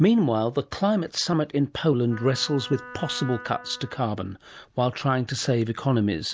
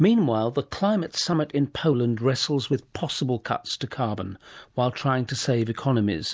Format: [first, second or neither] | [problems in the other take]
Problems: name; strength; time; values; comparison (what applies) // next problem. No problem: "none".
second | background sound (Wind instrument, woodwind instrument); 17 dB below the speech